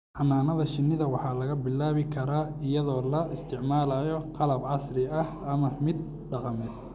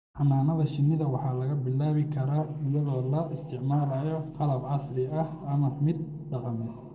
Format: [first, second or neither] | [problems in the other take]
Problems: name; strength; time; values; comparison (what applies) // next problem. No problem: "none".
first | noise reduction (neural separator model SepFormer DNS4)